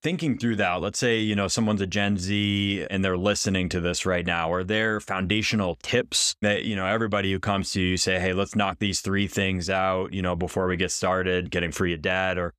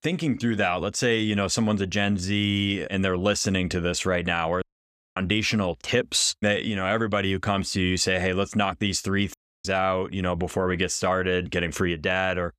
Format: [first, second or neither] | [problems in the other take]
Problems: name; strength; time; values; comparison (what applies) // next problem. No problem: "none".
first | audio cutting out; at 4.5 s for 0.5 s and at 9.5 s